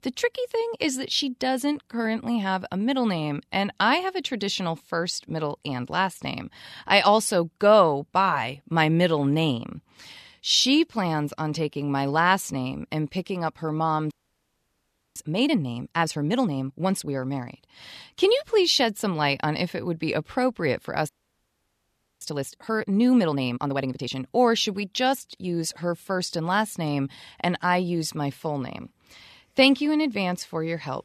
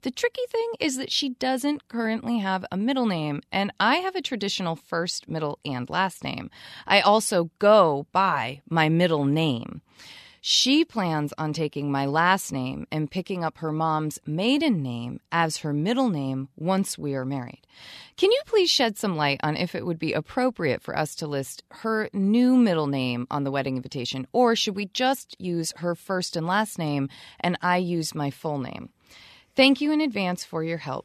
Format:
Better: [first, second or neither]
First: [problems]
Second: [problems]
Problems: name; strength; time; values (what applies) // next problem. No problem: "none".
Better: second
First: audio freezing; at 14 s for 1 s and at 21 s for 1 s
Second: none